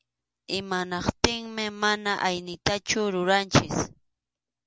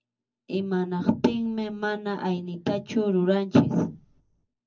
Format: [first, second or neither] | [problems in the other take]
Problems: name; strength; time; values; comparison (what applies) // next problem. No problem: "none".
first | room echo; dies away in 0.4 s